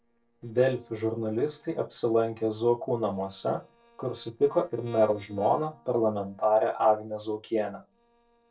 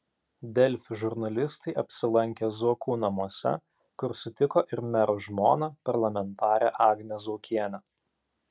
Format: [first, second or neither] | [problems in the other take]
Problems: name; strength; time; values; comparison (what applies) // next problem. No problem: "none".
second | noise reduction (neural separator model SepFormer DNS4)